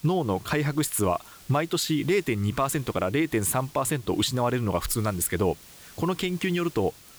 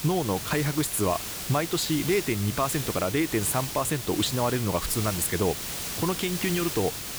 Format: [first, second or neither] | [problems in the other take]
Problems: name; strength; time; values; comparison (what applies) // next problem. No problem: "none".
first | hiss; loud; throughout; 5 dB below the speech; faint in the first